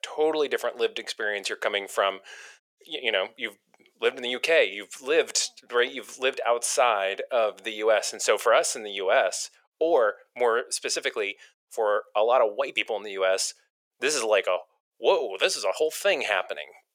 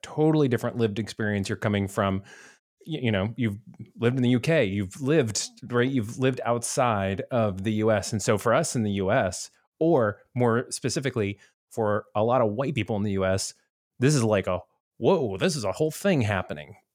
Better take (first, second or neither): second